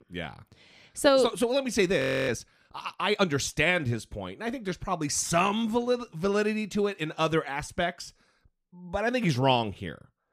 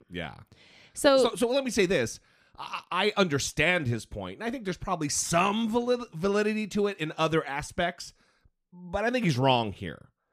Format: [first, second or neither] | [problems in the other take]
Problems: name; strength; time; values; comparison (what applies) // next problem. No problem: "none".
second | audio freezing; at 2 s